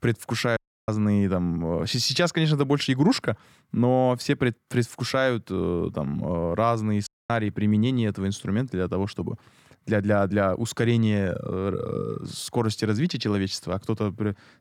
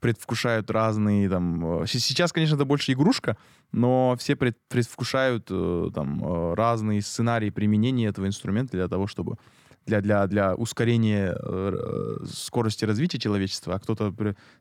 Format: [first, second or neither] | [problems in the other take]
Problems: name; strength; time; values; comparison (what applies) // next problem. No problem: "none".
second | audio cutting out; at 0.5 s and at 7 s